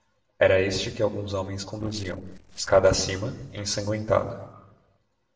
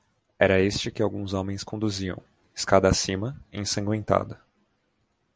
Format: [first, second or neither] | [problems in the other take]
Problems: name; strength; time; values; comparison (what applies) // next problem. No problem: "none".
second | noise reduction (neural separator model SepFormer DNS4)